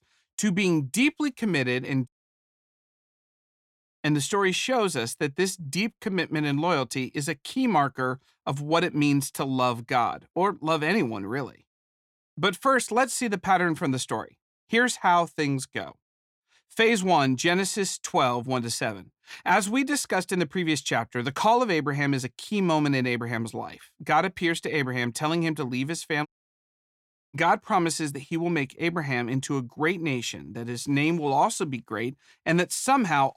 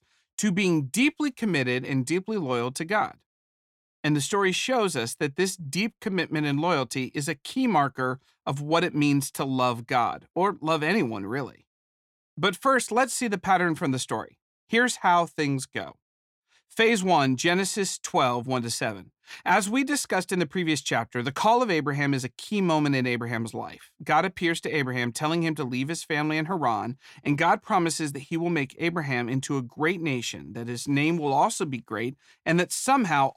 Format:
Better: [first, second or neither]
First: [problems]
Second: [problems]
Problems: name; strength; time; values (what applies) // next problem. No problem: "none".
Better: second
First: audio cutting out; at 2 s for 1.5 s and at 26 s for 1 s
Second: none